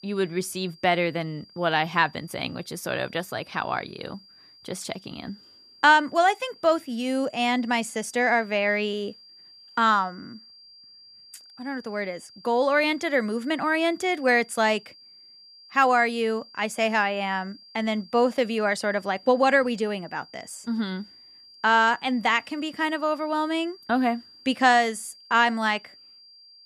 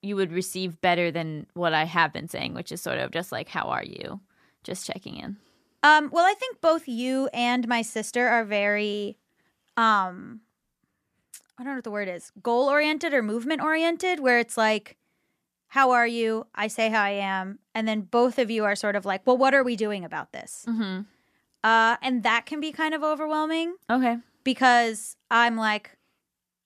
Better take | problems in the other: second | high-pitched whine; faint; throughout; 4.5 kHz, 25 dB below the speech

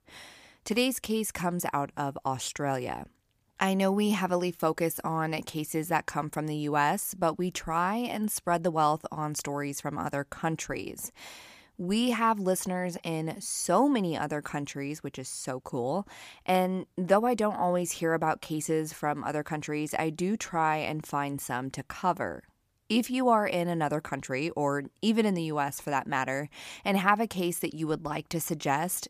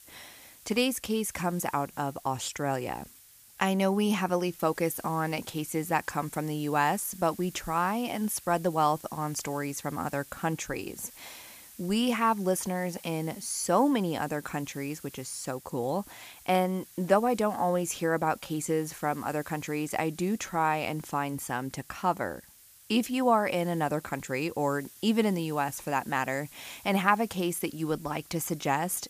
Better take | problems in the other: first | hiss; noticeable; throughout; 20 dB below the speech

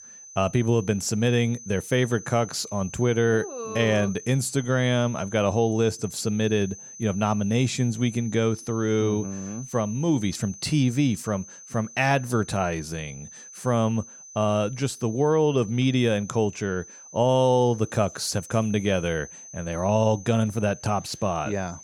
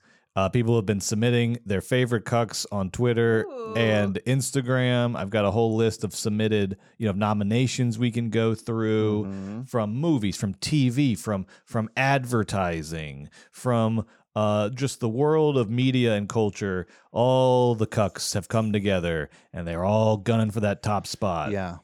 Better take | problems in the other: second | high-pitched whine; noticeable; throughout; 6 kHz, 15 dB below the speech

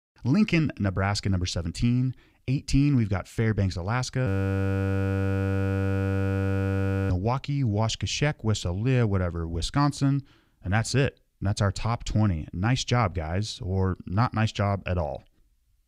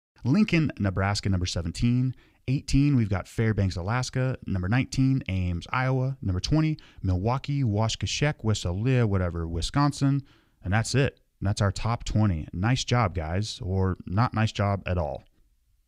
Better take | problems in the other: second | audio freezing; at 4.5 s for 3 s

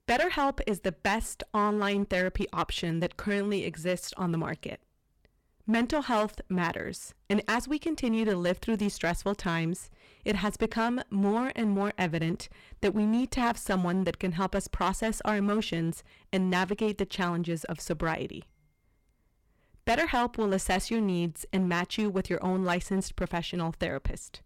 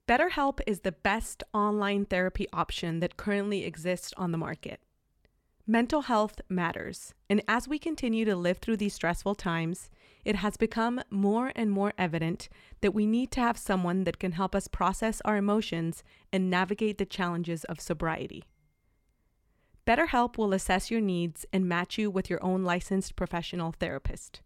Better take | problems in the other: second | distortion; slight; 7% of the sound clipped

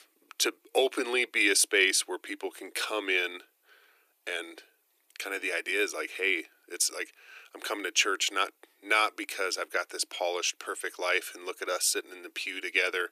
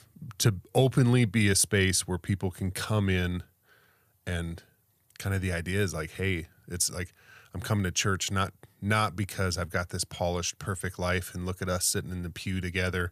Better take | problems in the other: second | thin; very; fading below 300 Hz

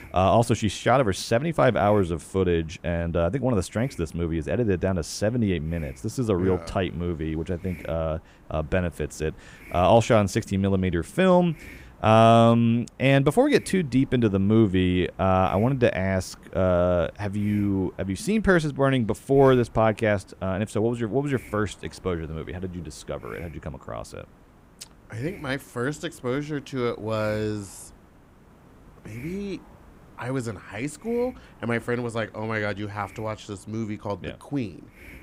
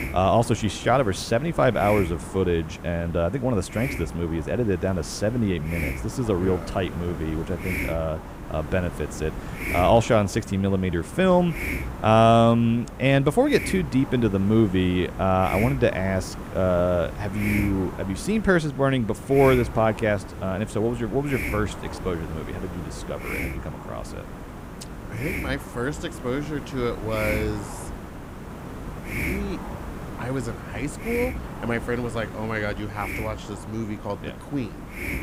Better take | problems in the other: first | hiss; loud; throughout; 10 dB below the speech; faint in the first

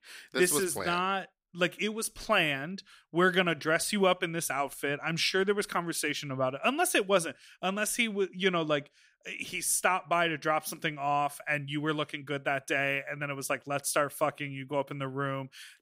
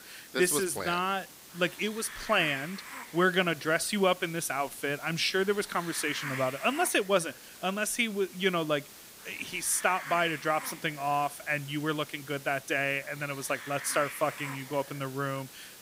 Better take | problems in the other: first | hiss; noticeable; throughout; 15 dB below the speech

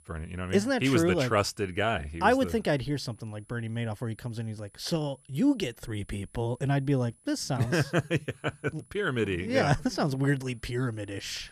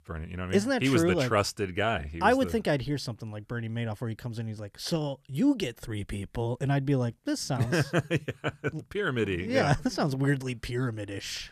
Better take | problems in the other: second | high-pitched whine; faint; throughout; 10 kHz, 30 dB below the speech

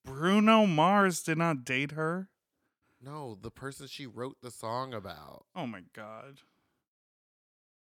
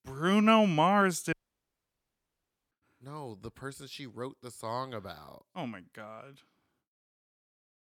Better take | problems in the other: first | audio cutting out; at 1.5 s for 1.5 s

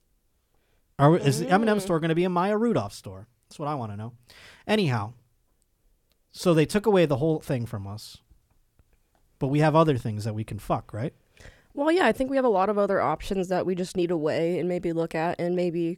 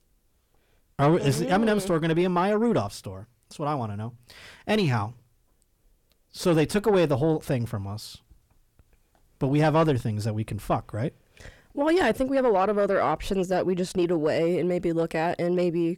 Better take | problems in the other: first | distortion; slight; 10 dB below the speech

